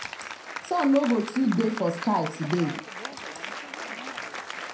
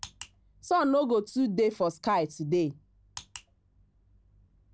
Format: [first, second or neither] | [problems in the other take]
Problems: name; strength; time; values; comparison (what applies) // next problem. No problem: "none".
second | background sound (Applause); 9 dB below the speech // room echo; dies away in 0.4 s